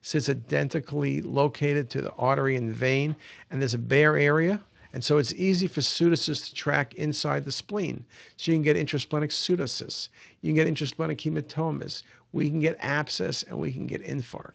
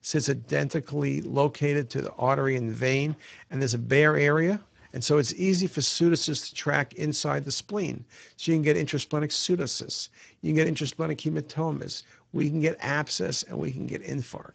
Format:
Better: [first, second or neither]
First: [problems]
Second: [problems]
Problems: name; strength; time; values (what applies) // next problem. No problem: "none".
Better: first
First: garbled, watery; slightly; nothing above 7.5 kHz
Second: garbled, watery; badly; nothing above 7.5 kHz